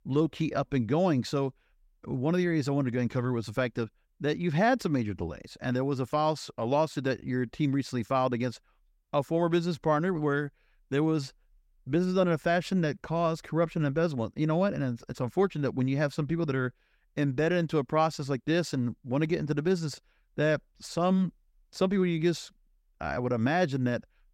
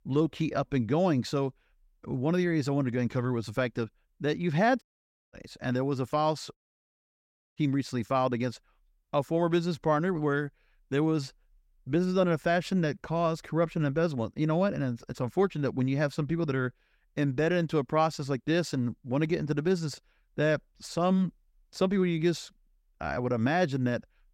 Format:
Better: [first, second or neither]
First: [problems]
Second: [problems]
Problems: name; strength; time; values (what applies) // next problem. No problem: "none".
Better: first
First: none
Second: audio cutting out; at 5 s for 0.5 s and at 6.5 s for 1 s